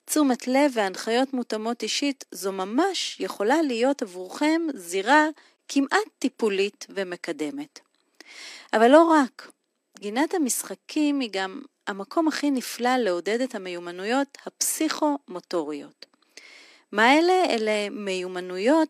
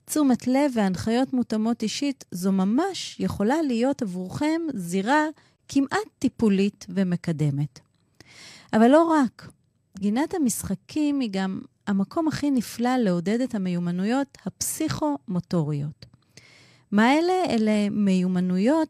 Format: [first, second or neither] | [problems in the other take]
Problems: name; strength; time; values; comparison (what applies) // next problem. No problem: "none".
second | thin; somewhat; fading below 300 Hz